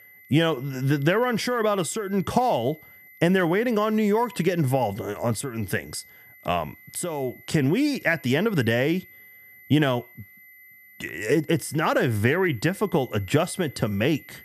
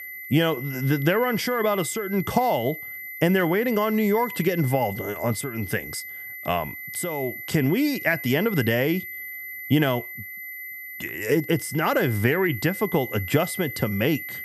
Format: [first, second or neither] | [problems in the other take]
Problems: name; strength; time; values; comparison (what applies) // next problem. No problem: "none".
first | high-pitched whine; loud; throughout; 2 kHz, 10 dB below the speech; faint in the first